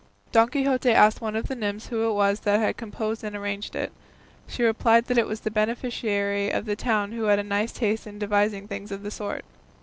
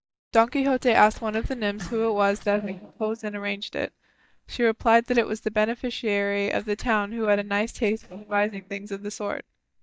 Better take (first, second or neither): first